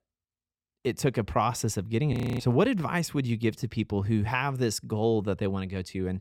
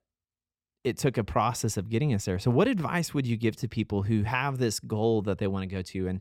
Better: second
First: audio freezing; at 2 s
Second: none

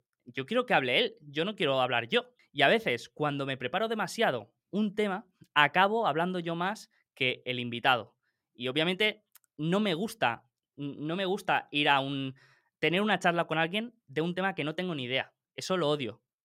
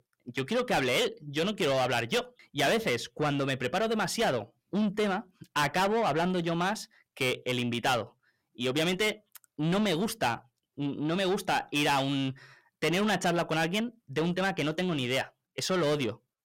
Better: first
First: none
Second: distortion; heavy; 6 dB below the speech

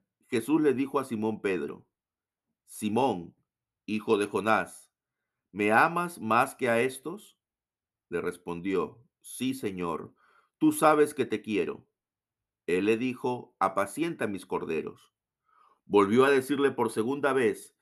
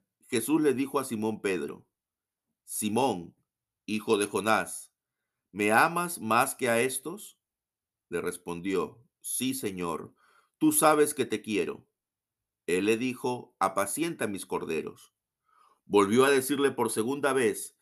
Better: second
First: muffled; slightly; fading above 4 kHz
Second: none

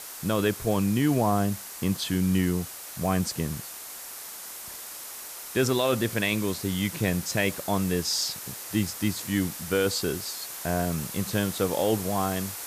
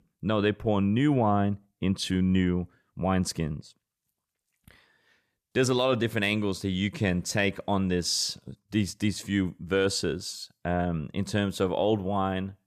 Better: second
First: hiss; loud; throughout; 9 dB below the speech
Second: none

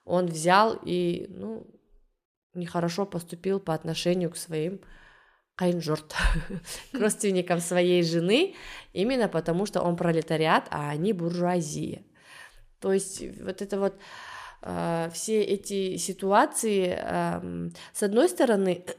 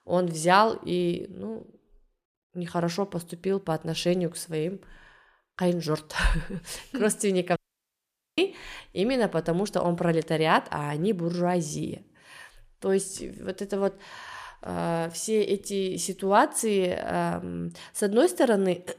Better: first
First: none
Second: audio cutting out; at 7.5 s for 1 s

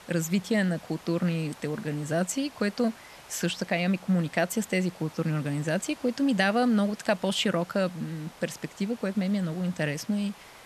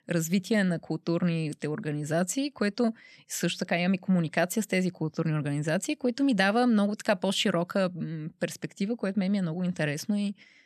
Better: second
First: hiss; faint; throughout; 20 dB below the speech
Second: none

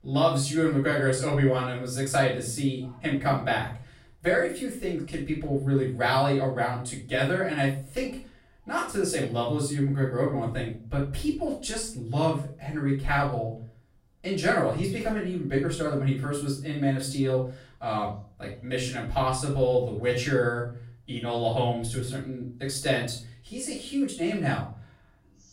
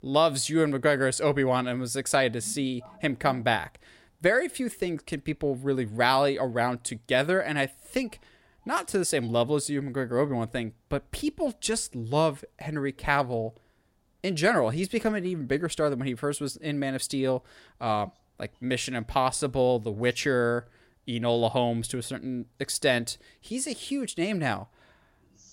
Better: second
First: off-mic speech; far // room echo; noticeable; dies away in 0.4 s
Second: none

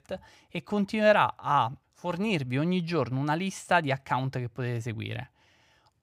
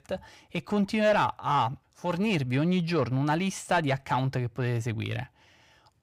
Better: first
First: none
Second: distortion; slight; 10 dB below the speech

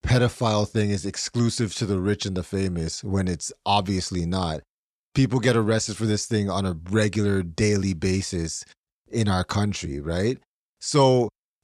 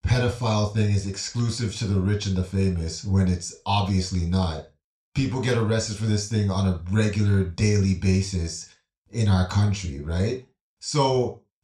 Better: first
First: none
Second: room echo; very slight; dies away in 0.3 s

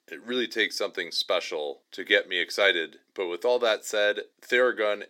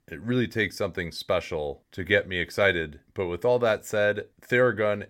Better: second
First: thin; somewhat; fading below 300 Hz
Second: none

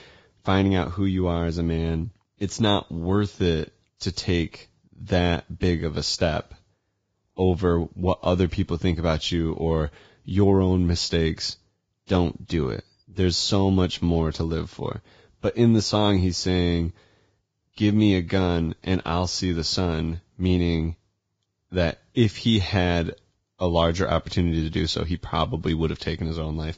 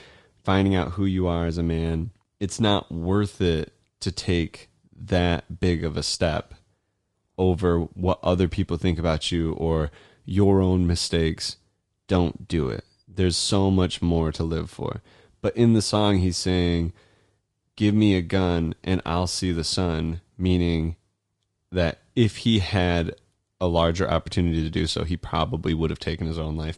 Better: second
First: garbled, watery; badly; nothing above 7.5 kHz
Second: garbled, watery; slightly; nothing above 10 kHz

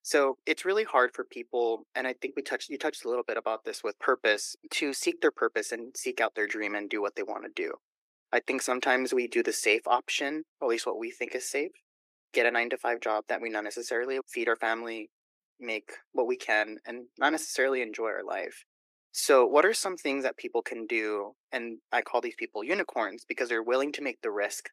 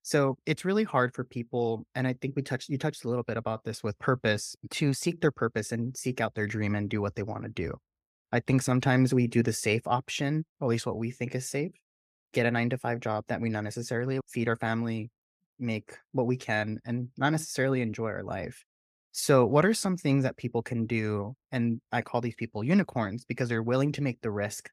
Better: second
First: thin; very; fading below 350 Hz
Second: none

